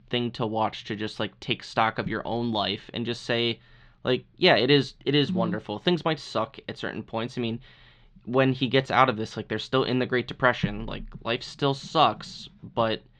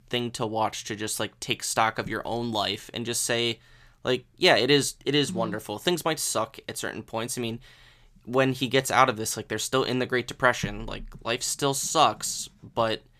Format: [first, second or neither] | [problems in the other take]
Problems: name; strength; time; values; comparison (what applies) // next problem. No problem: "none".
second | muffled; very slightly; fading above 4 kHz